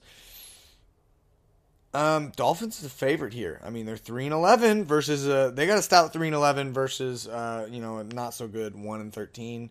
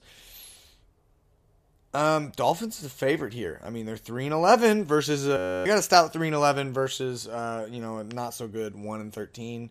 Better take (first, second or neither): first